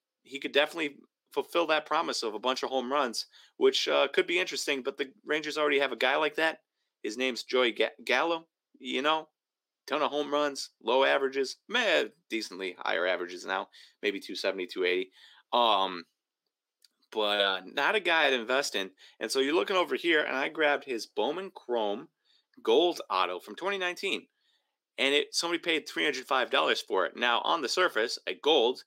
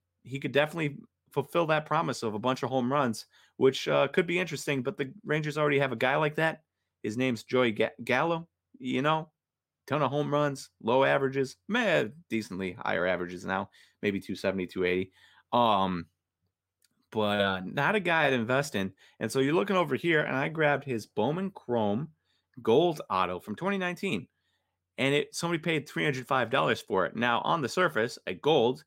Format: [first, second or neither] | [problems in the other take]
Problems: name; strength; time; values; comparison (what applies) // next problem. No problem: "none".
second | thin; somewhat; fading below 300 Hz